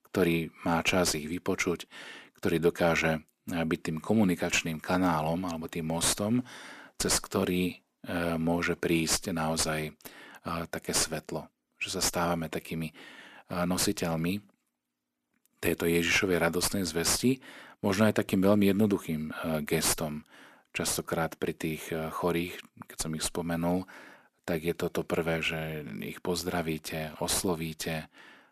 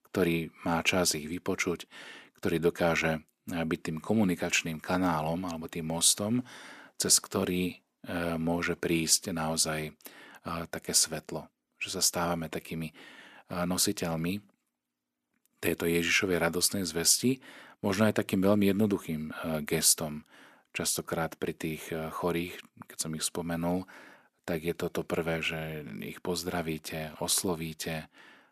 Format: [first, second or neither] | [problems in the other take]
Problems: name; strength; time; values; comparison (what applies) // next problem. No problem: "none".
second | distortion; slight; 7 dB below the speech